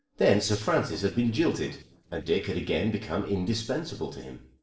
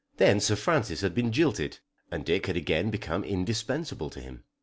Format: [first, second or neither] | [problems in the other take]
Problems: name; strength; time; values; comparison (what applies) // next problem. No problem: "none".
second | noise reduction (neural separator model SepFormer DNS4)